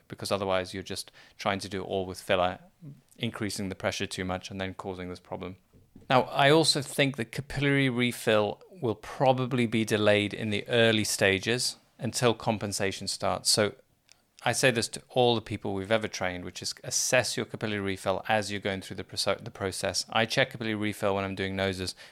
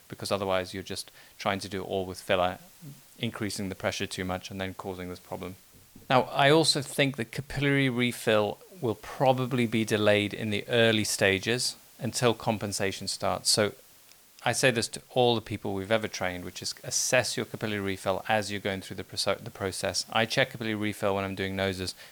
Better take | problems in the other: first | hiss; faint; throughout; 25 dB below the speech

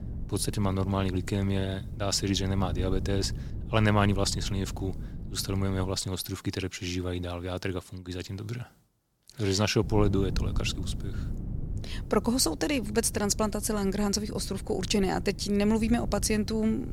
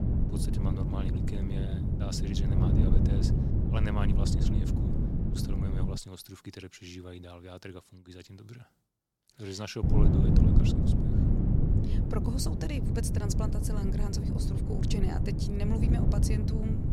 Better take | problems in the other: first | wind noise on the microphone; heavy; until 6 s and from 10 s on; 2 dB above the speech; occasional gusts in the first

